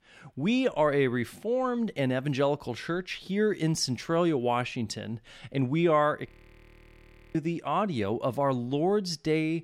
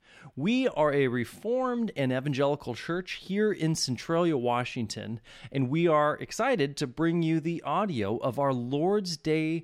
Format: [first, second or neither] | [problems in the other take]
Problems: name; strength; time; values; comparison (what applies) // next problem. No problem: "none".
second | audio freezing; at 6.5 s for 1 s